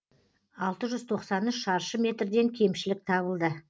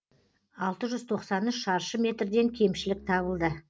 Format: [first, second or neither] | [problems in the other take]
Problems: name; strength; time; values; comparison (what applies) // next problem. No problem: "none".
first | background sound (Bowed string instrument); 20 dB below the speech